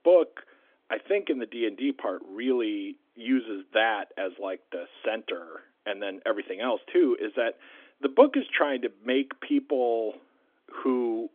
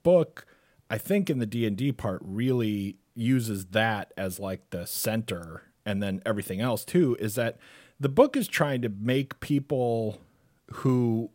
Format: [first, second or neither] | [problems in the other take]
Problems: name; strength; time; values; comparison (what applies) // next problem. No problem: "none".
second | phone-call audio; nothing above 3.5 kHz